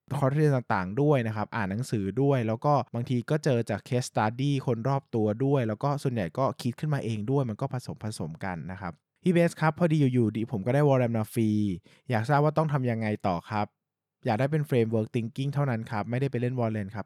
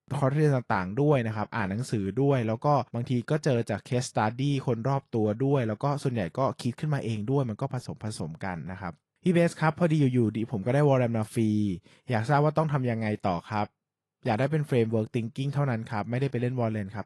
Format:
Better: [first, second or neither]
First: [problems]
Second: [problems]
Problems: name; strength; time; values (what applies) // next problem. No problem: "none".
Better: first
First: none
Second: garbled, watery; slightly; nothing above 11.5 kHz